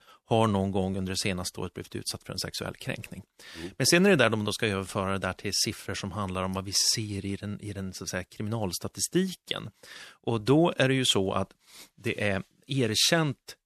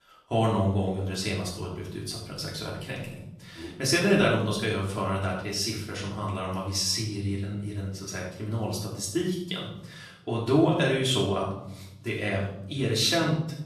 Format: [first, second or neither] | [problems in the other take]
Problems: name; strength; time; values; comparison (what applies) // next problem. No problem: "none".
first | off-mic speech; far // room echo; noticeable; dies away in 0.8 s